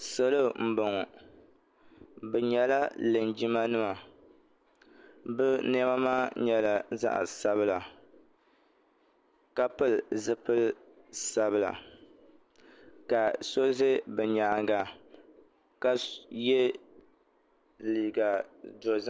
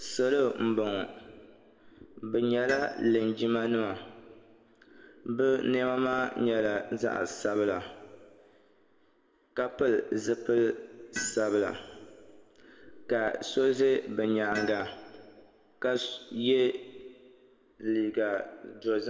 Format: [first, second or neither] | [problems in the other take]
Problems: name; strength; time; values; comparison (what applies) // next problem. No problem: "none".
first | background sound (Tools); 17 dB below the speech // room echo; dies away in 1.3 s